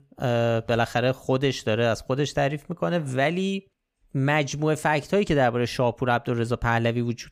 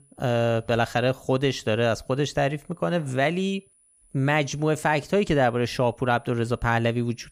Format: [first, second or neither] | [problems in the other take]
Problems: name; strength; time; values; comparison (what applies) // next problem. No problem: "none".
first | high-pitched whine; faint; throughout; 10 kHz, 35 dB below the speech